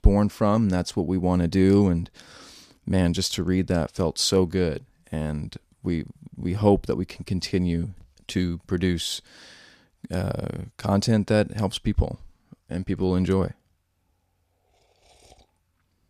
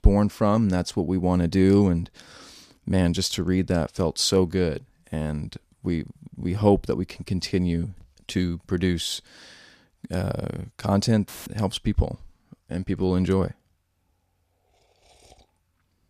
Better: first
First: none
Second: audio cutting out; filled with static; at 11 s

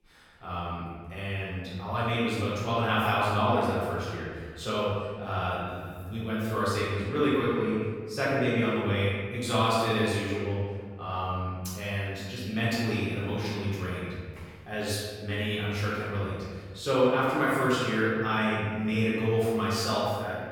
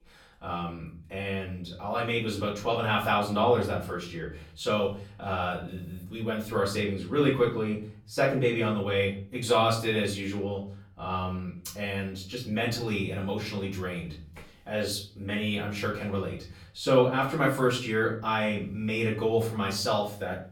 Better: second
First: room echo; strong; dies away in 1.7 s // off-mic speech; far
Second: room echo; slight; dies away in 0.6 s // off-mic speech; far

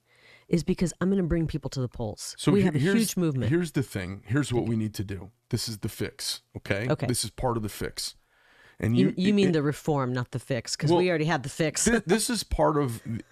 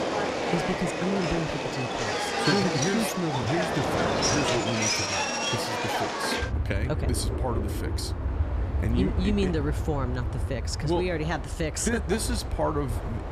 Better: first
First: none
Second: train or aircraft noise; very loud; throughout; 2 dB above the speech

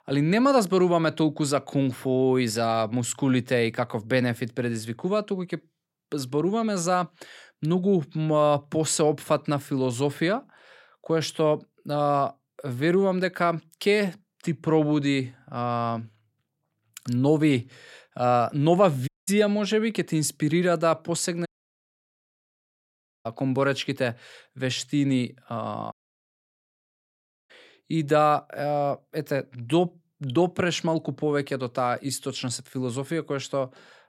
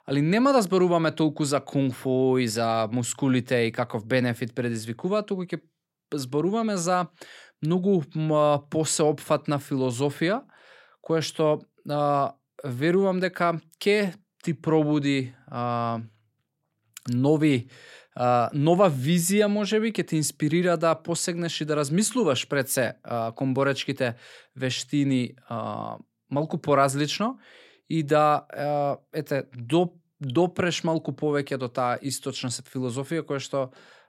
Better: second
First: audio cutting out; at 19 s, at 21 s for 2 s and at 26 s for 1.5 s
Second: none

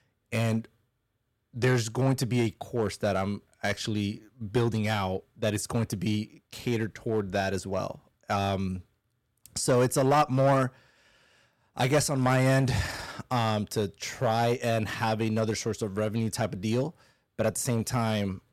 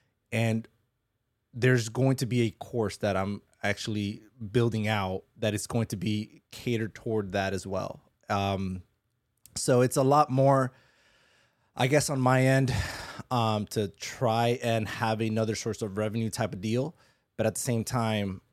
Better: second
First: distortion; slight; 3% of the sound clipped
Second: none

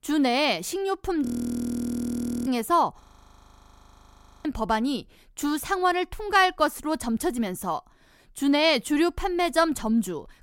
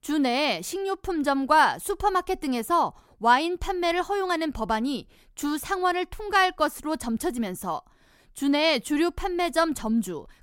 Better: second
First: audio freezing; at 1.5 s for 1 s and at 3 s for 1.5 s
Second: none

